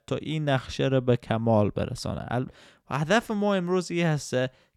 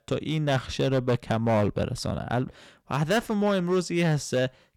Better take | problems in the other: first | distortion; slight; 7% of the sound clipped

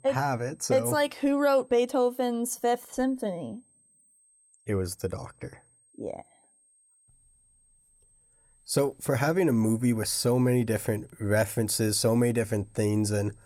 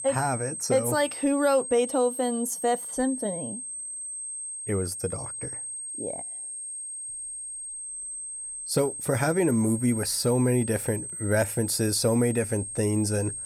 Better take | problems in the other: first | high-pitched whine; loud; throughout; 8.5 kHz, 7 dB below the speech; faint in the first

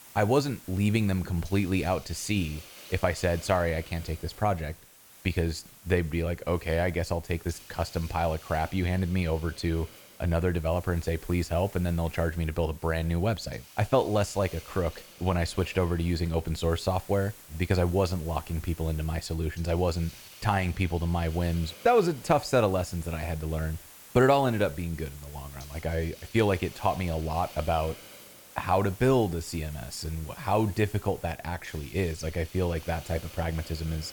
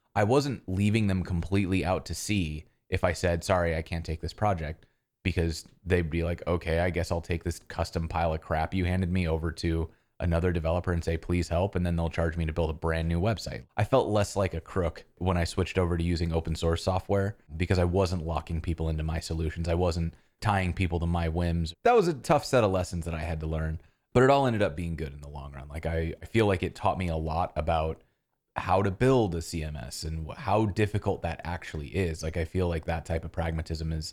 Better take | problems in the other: second | hiss; noticeable; throughout; 20 dB below the speech

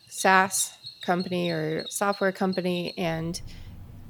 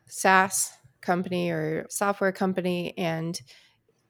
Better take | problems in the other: second | animal sounds; noticeable; throughout; 15 dB below the speech

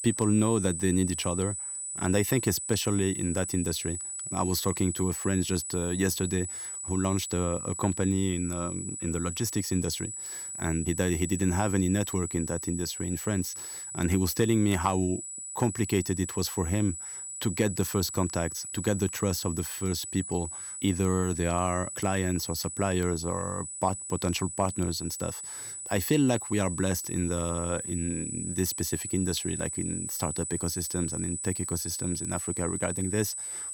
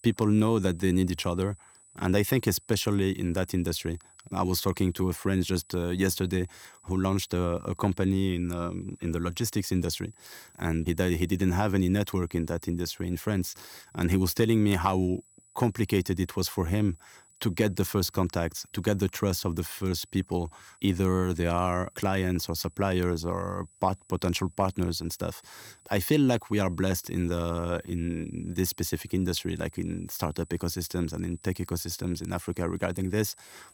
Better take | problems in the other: second | high-pitched whine; loud; throughout; 8 kHz, 5 dB below the speech; faint in the second

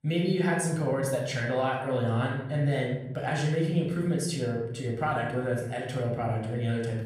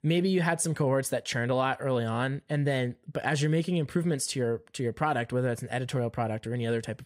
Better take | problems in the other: second | off-mic speech; far // room echo; noticeable; dies away in 0.8 s

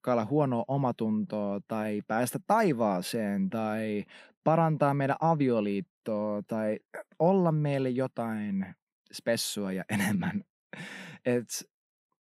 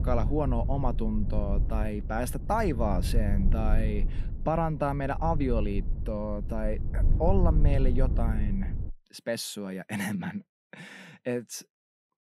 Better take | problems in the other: first | low rumble; noticeable; until 9 s; 15 dB below the speech

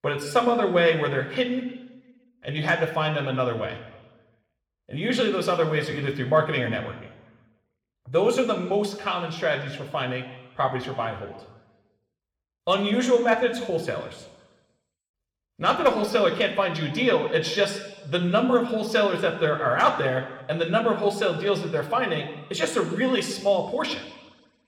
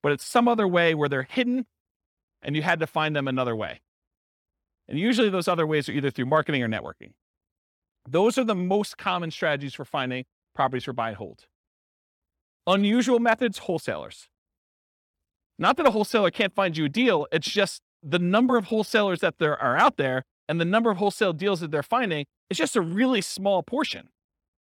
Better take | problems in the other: second | room echo; slight; dies away in 1.1 s

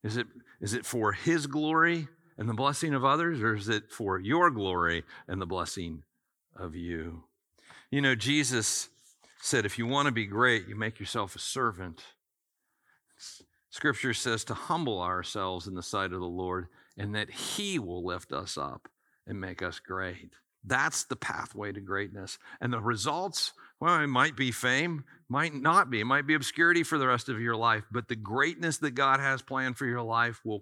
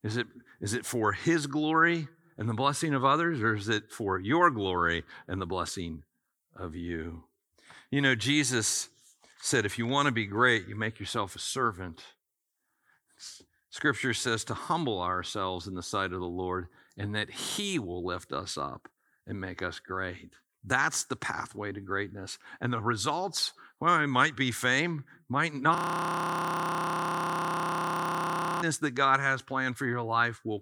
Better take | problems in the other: first | audio freezing; at 26 s for 3 s

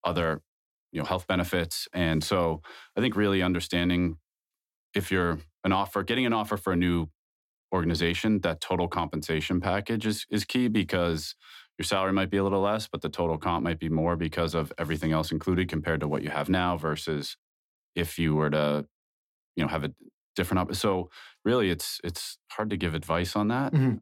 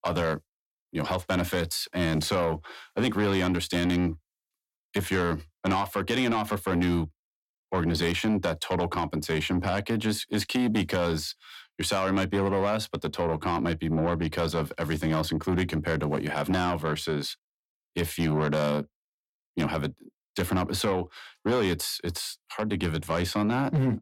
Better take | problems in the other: first | distortion; slight; 10 dB below the speech

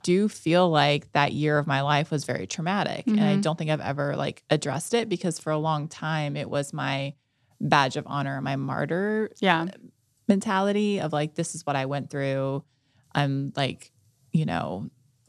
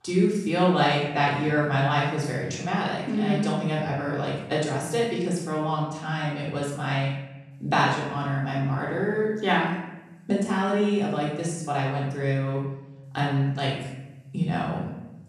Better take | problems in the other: first | off-mic speech; far // room echo; noticeable; dies away in 0.9 s

